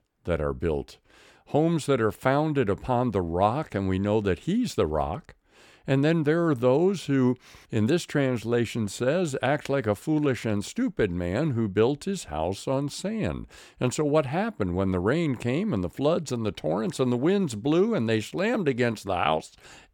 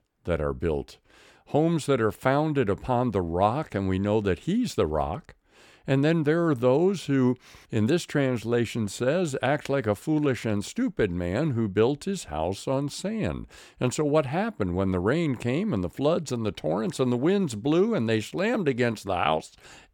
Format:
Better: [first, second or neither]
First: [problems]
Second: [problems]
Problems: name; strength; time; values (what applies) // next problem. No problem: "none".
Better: neither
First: none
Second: none